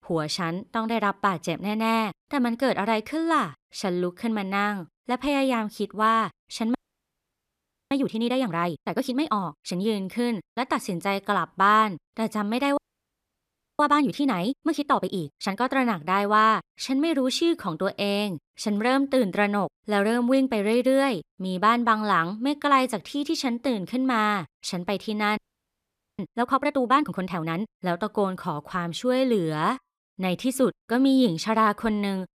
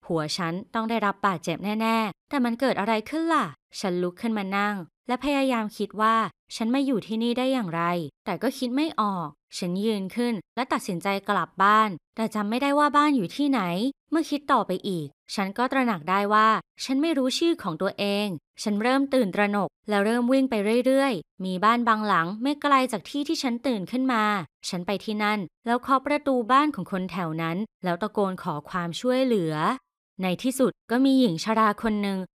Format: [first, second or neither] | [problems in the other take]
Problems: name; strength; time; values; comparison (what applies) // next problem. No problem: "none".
second | audio freezing; at 7 s for 1 s, at 13 s for 1 s and at 25 s for 1 s